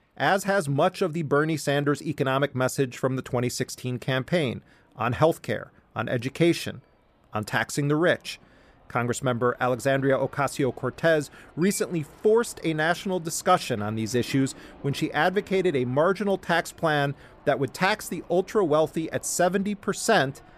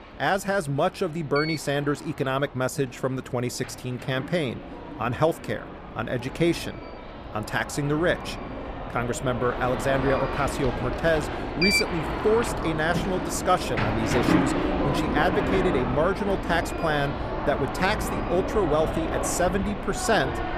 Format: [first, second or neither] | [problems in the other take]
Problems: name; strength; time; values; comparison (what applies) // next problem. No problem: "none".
first | alarms or sirens; loud; throughout; 3 dB below the speech; faint in the first